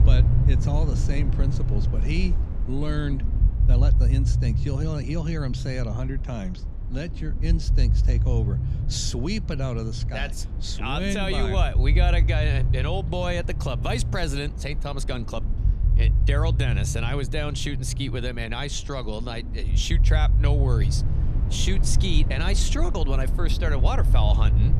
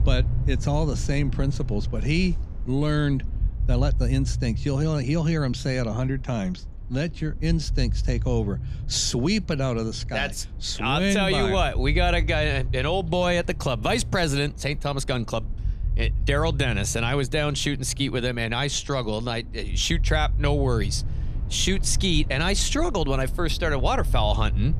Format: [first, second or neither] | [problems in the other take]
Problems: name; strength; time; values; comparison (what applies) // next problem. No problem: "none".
second | low rumble; loud; throughout; 9 dB below the speech; faint in the second